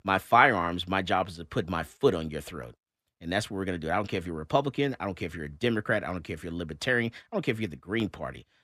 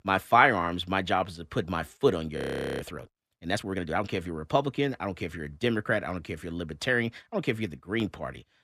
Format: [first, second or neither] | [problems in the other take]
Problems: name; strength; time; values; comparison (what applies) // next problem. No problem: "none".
first | audio freezing; at 2.5 s